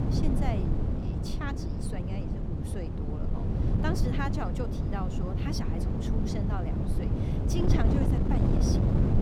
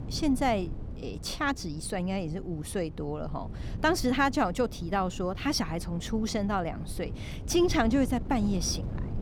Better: second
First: wind noise on the microphone; heavy; 1 dB above the speech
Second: wind noise on the microphone; occasional gusts; 20 dB below the speech

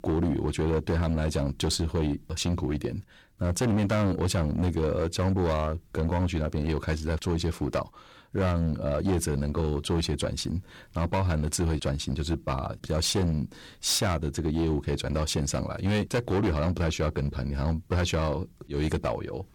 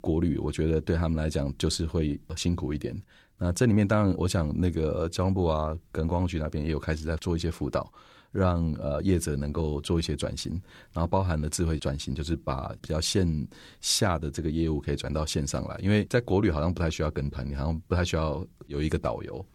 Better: second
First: distortion; slight; 13% of the sound clipped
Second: none

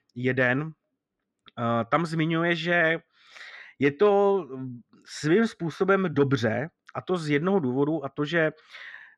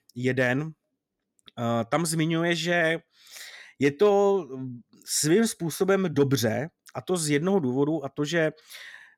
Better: second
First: muffled; slightly; fading above 3 kHz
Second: none

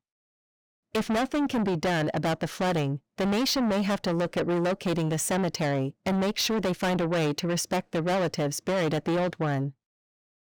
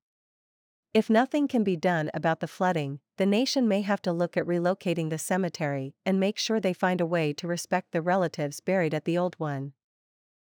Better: second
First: distortion; heavy; 6 dB below the speech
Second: none

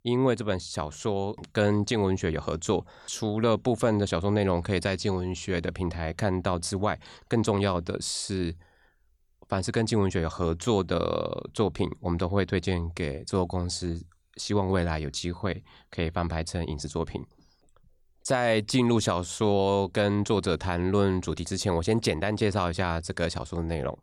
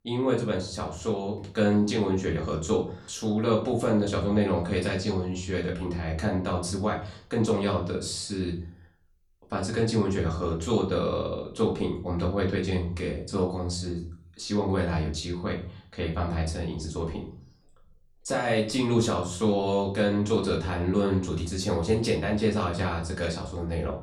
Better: first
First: none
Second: off-mic speech; far // room echo; slight; dies away in 0.4 s

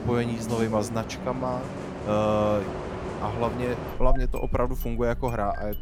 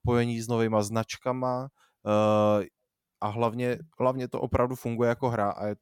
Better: second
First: traffic noise; loud; throughout; 6 dB below the speech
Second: none

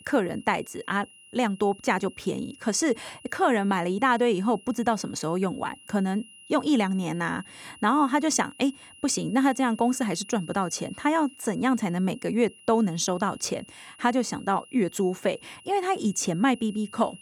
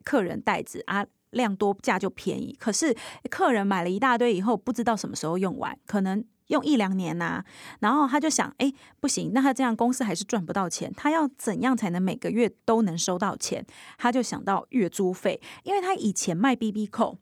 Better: second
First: high-pitched whine; faint; throughout; 3 kHz, 20 dB below the speech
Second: none

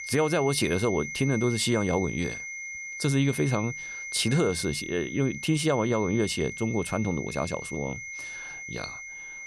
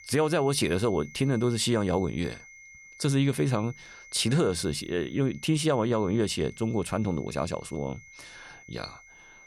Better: second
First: high-pitched whine; loud; throughout; 2 kHz, 8 dB below the speech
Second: high-pitched whine; faint; throughout; 2 kHz, 20 dB below the speech

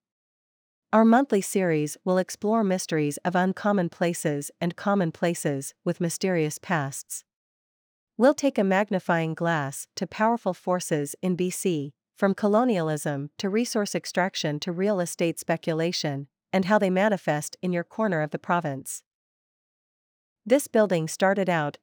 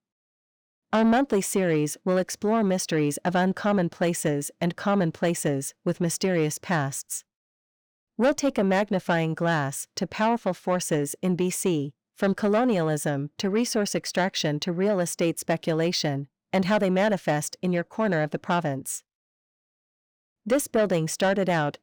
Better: first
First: none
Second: distortion; slight; 10 dB below the speech

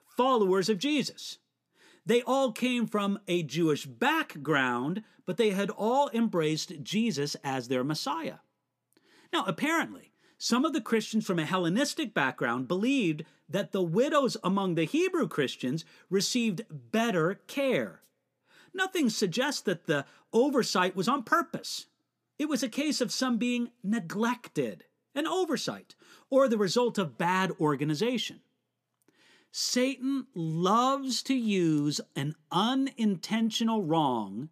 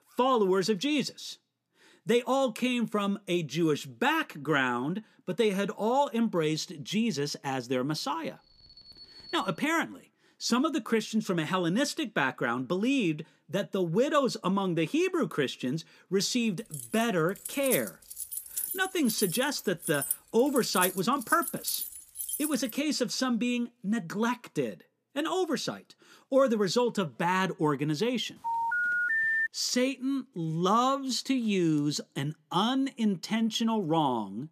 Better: first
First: none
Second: alarm; faint; from 8.5 to 9.5 s; peak 15 dB below the speech // jangling keys; noticeable; from 17 to 23 s; peak 2 dB below the speech // phone ringing; loud; from 28 to 29 s; peak 4 dB above the speech

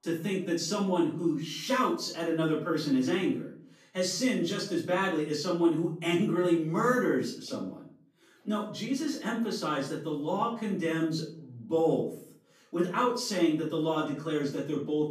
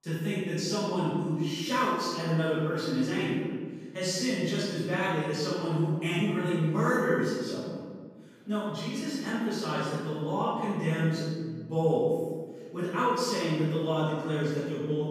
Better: first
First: room echo; slight; dies away in 0.4 s // off-mic speech; far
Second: room echo; strong; dies away in 1.4 s // off-mic speech; far

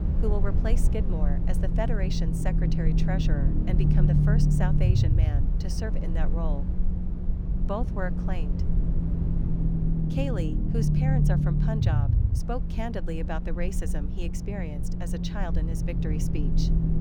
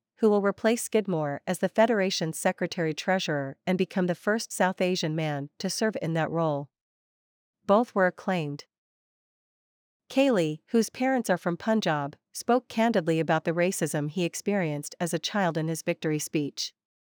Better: second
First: low rumble; loud; throughout; 1 dB below the speech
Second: none

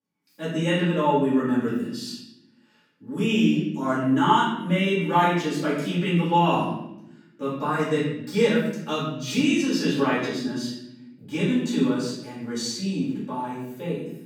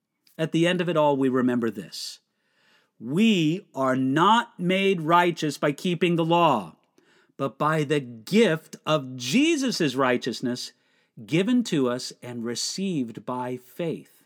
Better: second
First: off-mic speech; far // room echo; noticeable; dies away in 0.8 s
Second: none

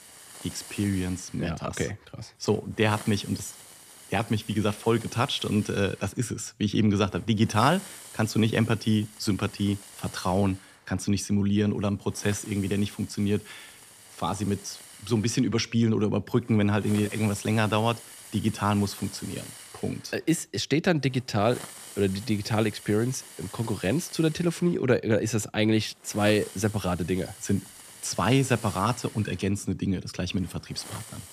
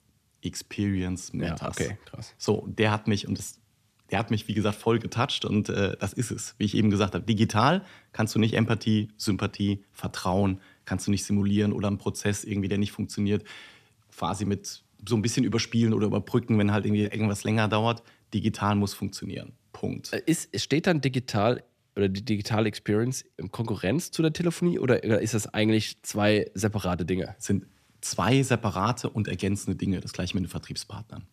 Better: second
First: hiss; noticeable; throughout; 15 dB below the speech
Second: none

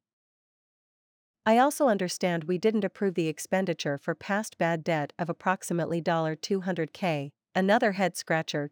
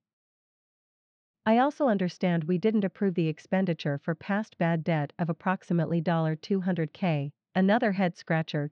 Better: first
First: none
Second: muffled; slightly; fading above 4.5 kHz

